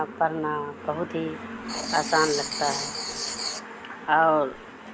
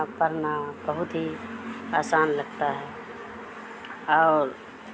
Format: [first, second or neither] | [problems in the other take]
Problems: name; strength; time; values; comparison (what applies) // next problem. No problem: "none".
second | background sound (Writing); 9 dB below the speech